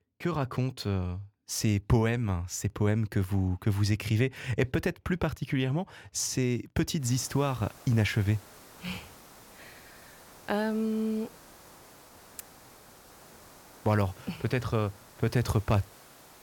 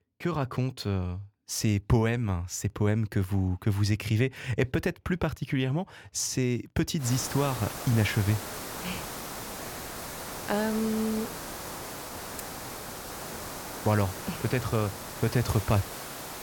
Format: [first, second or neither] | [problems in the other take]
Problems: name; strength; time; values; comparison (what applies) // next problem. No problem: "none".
first | hiss; loud; from 7 s on; 8 dB below the speech; faint in the first